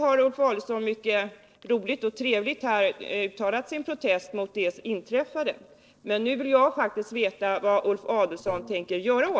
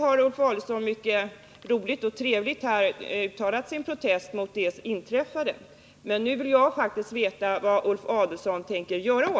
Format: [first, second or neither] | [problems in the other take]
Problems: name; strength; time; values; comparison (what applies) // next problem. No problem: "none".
second | noise reduction (neural separator model SepFormer DNS4)